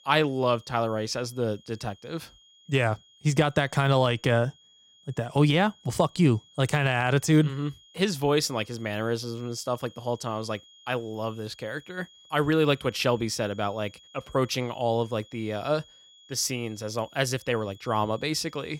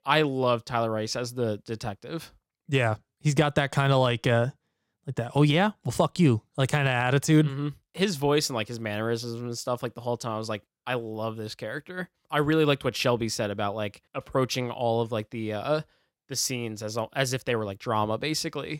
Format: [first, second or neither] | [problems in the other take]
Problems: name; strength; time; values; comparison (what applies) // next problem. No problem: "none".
second | high-pitched whine; faint; throughout; 3.5 kHz, 25 dB below the speech